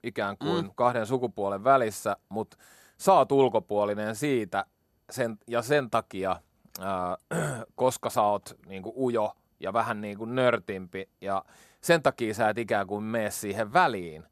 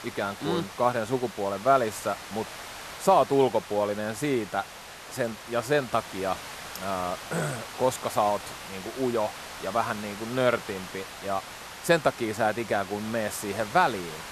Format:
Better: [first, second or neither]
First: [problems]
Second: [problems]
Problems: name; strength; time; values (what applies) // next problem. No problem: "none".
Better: first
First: none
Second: hiss; noticeable; throughout; 10 dB below the speech